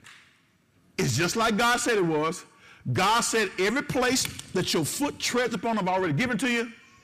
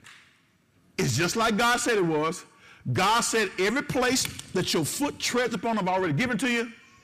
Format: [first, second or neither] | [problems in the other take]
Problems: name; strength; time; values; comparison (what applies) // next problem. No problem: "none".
neither | distortion; heavy; 6 dB below the speech; the same in both